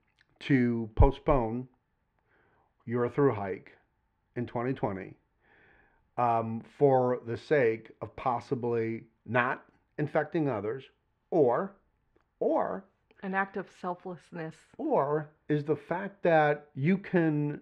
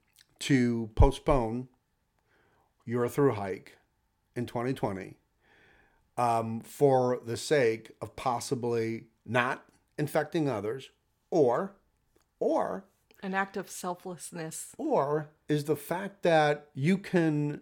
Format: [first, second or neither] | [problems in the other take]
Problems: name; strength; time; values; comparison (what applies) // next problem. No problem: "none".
second | muffled; very; fading above 2 kHz